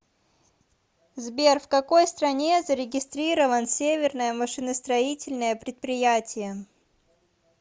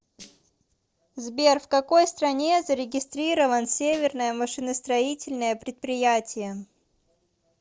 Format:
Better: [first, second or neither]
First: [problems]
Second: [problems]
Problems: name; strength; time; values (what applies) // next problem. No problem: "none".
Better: first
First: none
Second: noise reduction (neural separator model SepFormer DNS4)